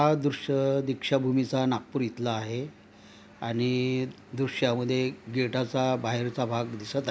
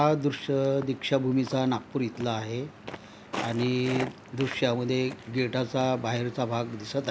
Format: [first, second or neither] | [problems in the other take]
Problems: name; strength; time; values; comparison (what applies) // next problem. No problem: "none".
first | background sound (Walk, footsteps); 14 dB below the speech